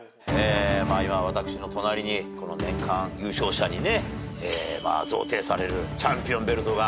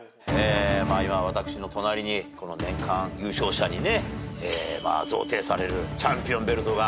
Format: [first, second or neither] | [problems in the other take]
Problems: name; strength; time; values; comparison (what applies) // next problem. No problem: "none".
second | background sound (Bowed string instrument); 12 dB below the speech